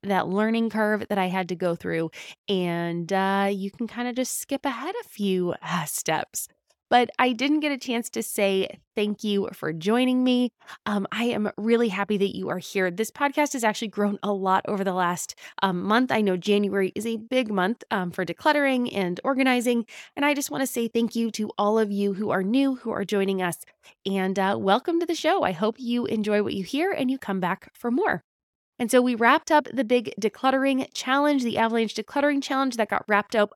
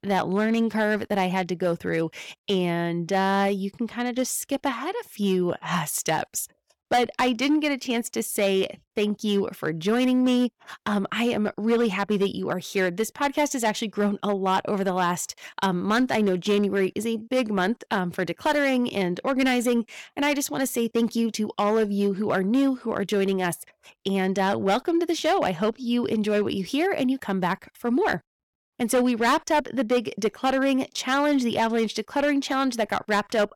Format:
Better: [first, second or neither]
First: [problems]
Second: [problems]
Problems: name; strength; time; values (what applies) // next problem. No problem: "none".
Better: first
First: none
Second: distortion; slight; 5% of the sound clipped